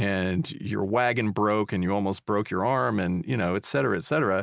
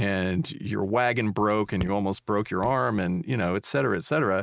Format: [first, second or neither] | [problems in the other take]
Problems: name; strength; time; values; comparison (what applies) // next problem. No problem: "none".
first | noise reduction (neural mask model RNNoise)